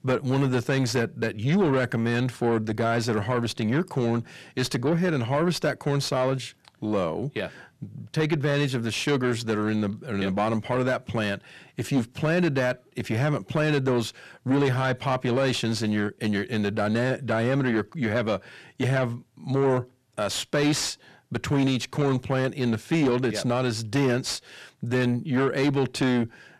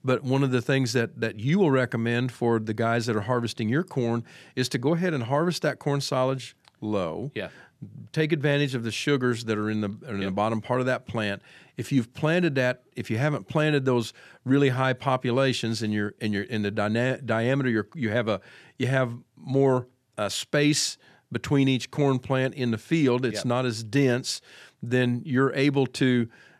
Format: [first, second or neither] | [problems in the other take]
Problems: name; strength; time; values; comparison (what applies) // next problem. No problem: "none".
second | distortion; slight; 10 dB below the speech